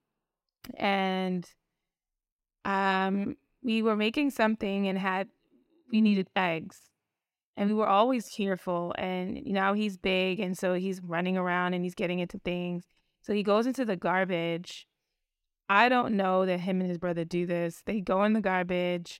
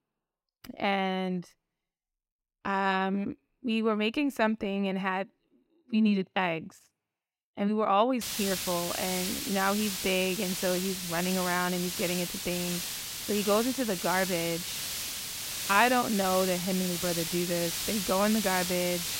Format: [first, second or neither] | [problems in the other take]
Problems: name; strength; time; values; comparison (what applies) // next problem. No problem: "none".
first | hiss; loud; from 8 s on; 3 dB below the speech